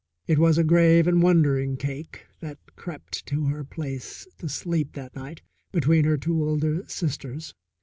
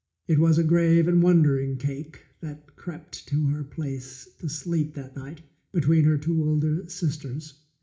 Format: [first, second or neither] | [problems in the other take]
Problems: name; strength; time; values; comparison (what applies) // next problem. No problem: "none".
first | room echo; dies away in 0.4 s